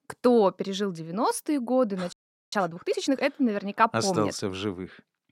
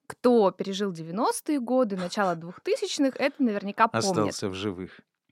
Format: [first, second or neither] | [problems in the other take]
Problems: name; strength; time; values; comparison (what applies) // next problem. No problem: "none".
second | audio freezing; at 2 s